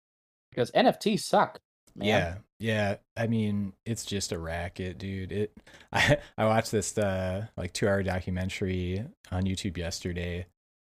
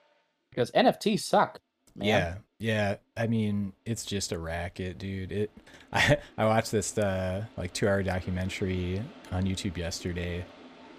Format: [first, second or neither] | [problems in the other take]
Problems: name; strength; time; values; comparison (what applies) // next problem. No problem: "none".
first | household noises; faint; throughout; 20 dB below the speech